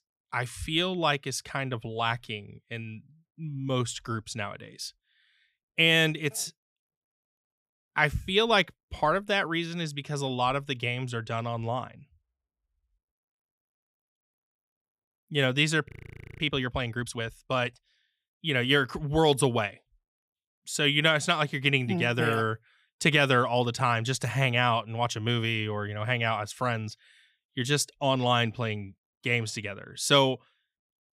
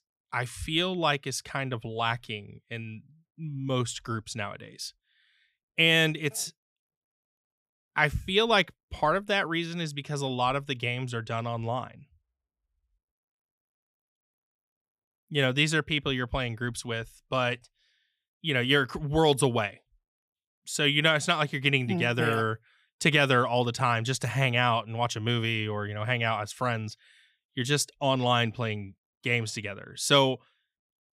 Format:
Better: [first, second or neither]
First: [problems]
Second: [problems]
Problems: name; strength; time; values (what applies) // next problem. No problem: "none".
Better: second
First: audio freezing; at 16 s for 0.5 s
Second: none